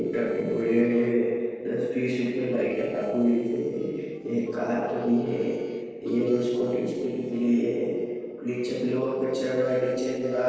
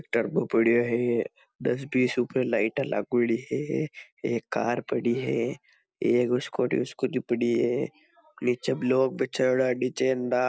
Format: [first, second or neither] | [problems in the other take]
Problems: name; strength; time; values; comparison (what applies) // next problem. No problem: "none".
second | noise reduction (neural separator model SepFormer DNS4)